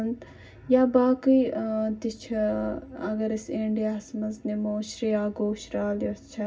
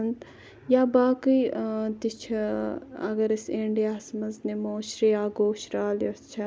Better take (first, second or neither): second